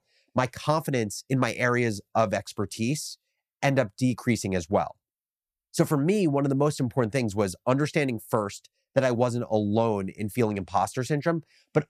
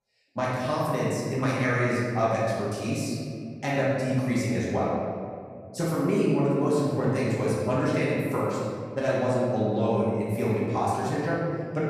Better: first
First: none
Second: room echo; strong; dies away in 1.9 s // off-mic speech; far

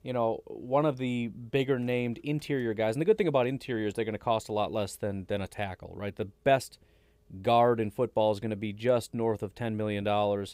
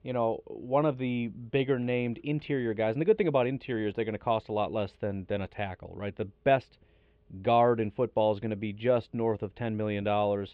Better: first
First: none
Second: muffled; slightly; fading above 3 kHz

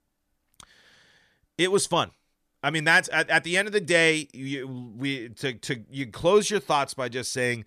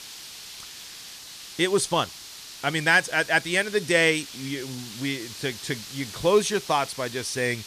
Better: first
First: none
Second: hiss; noticeable; throughout; 15 dB below the speech

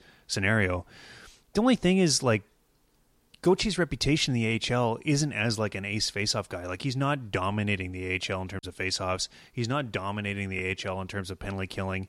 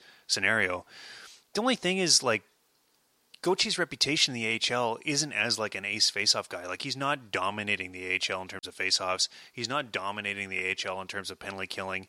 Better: first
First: none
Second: thin; somewhat; fading below 700 Hz

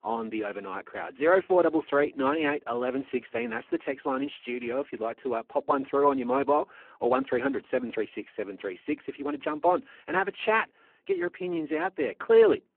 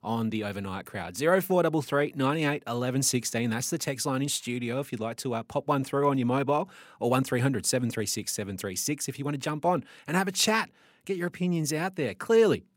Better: second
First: phone-call audio; poor line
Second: none

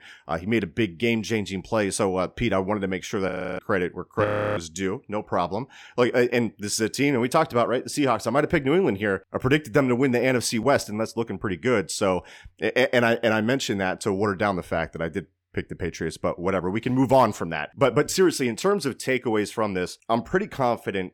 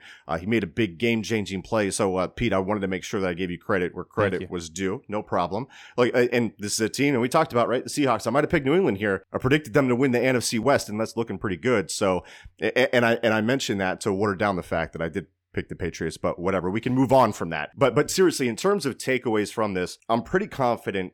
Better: second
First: audio freezing; at 3.5 s and at 4.5 s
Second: none

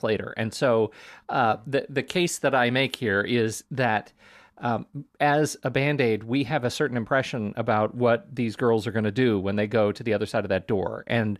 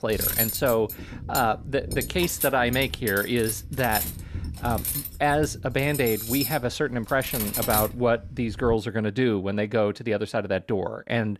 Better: first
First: none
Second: clattering dishes; loud; until 9 s; peak 3 dB above the speech

